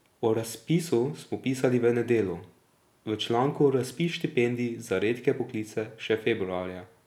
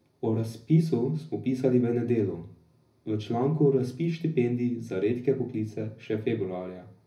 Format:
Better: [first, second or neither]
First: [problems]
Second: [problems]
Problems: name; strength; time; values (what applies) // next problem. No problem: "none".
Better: first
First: none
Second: room echo; dies away in 0.4 s